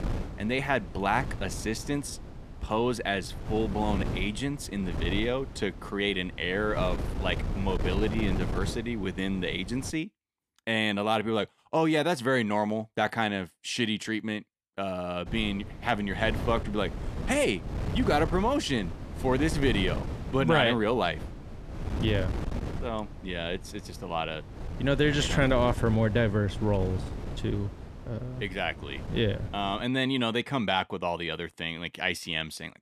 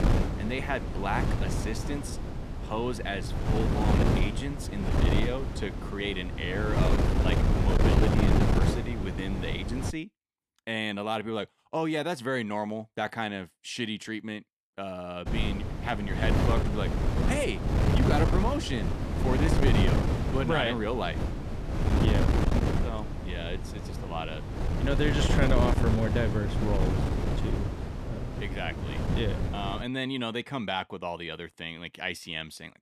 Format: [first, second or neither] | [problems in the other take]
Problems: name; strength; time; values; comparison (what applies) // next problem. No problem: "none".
first | wind noise on the microphone; heavy; until 10 s and from 15 to 30 s; 2 dB below the speech; occasional gusts in the first